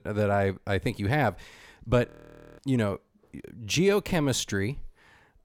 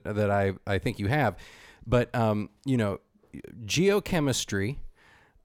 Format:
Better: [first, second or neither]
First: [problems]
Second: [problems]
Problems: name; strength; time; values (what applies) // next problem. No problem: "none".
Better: second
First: audio freezing; at 2 s for 0.5 s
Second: none